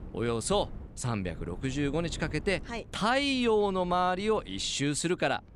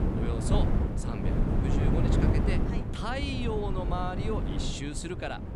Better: first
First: wind noise on the microphone; occasional gusts; 25 dB below the speech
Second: wind noise on the microphone; heavy; 1 dB below the speech

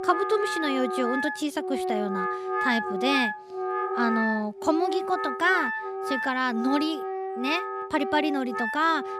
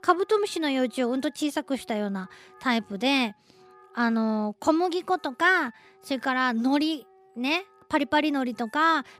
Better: second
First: background music; loud; throughout; 3 dB below the speech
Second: background music; faint; throughout; 30 dB below the speech

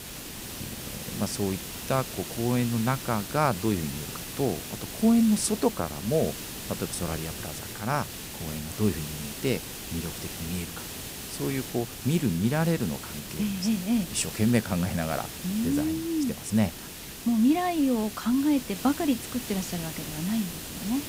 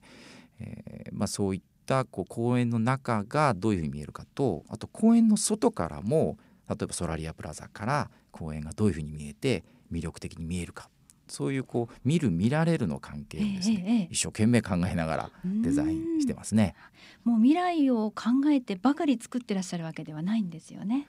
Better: second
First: hiss; loud; throughout; 8 dB below the speech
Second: none

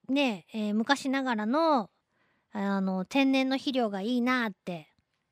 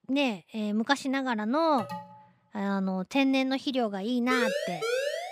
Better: first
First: none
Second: alarm; faint; at 2 s; peak 10 dB below the speech // siren; noticeable; from 4.5 s on; peak 1 dB below the speech

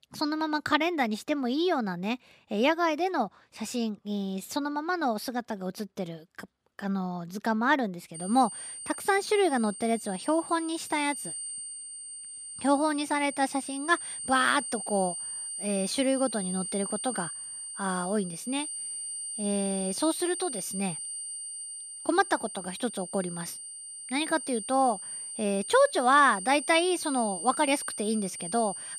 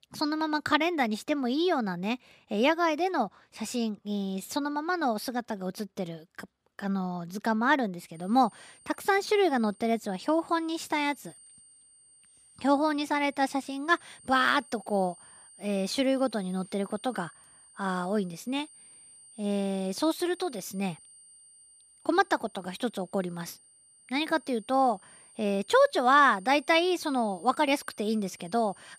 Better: second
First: high-pitched whine; loud; from 8 s on; 9 kHz, 7 dB below the speech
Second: high-pitched whine; faint; from 8 s on; 9 kHz, 25 dB below the speech

